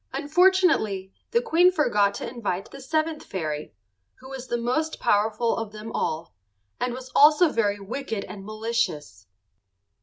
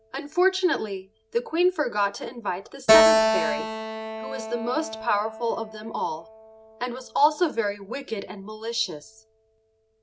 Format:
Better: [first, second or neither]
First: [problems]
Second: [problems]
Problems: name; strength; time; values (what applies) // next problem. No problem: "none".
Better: first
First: none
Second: background sound (Keyboard (musical)); 1 dB below the speech